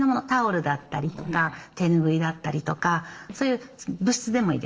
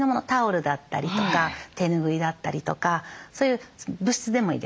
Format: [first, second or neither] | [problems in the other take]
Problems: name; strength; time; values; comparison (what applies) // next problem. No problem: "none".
second | noise reduction (neural separator model SepFormer DNS4)